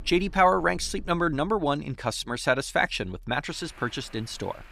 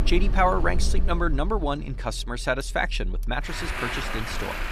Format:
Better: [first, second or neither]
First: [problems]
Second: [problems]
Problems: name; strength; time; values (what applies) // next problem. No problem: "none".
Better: first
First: traffic noise; faint; throughout; 25 dB below the speech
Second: traffic noise; loud; throughout; 2 dB below the speech